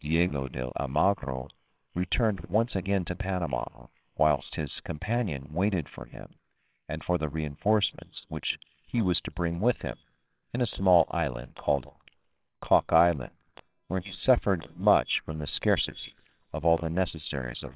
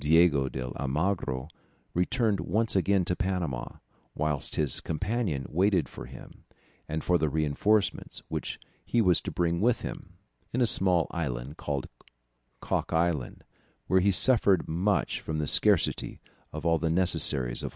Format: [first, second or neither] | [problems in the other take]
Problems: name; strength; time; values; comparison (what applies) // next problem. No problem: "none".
second | noise reduction (neural separator model SepFormer WHAMR!)